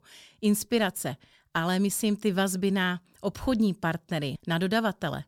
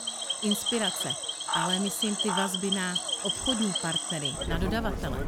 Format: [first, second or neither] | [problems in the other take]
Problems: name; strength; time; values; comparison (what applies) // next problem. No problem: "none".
first | animal sounds; very loud; throughout; 3 dB above the speech